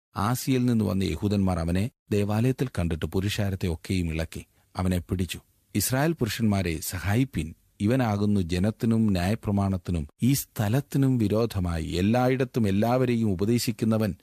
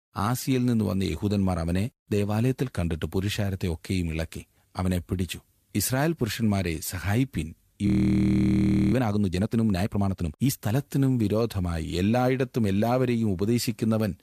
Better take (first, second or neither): first